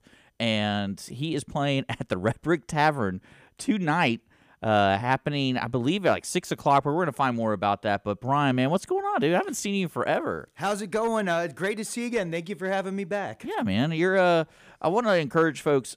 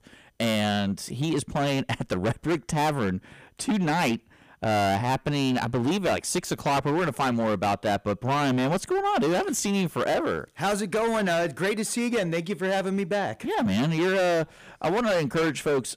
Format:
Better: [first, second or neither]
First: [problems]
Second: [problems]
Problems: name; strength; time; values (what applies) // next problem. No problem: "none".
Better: first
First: none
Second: distortion; heavy; 20% of the sound clipped